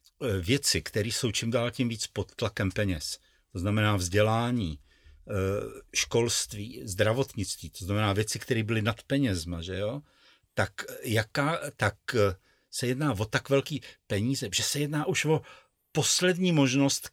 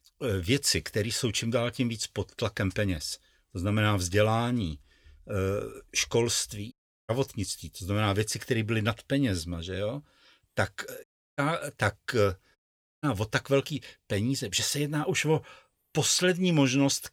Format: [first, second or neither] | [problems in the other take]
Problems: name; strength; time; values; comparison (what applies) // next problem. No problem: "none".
first | audio cutting out; at 6.5 s, at 11 s and at 13 s